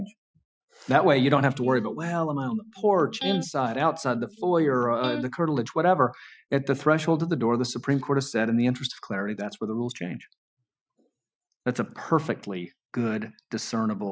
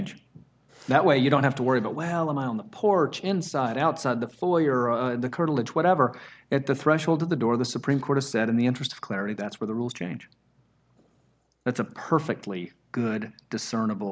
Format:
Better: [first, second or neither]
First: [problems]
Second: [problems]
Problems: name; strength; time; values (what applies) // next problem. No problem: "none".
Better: second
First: noise reduction (classical method Wiener filter)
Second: none